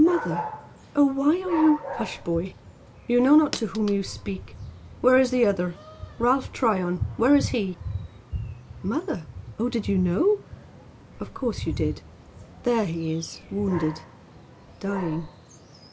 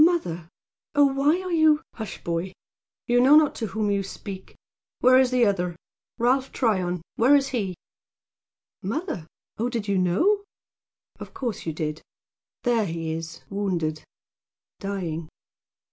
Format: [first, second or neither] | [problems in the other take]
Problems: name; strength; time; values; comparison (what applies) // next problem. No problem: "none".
second | background sound (Dog); 11 dB below the speech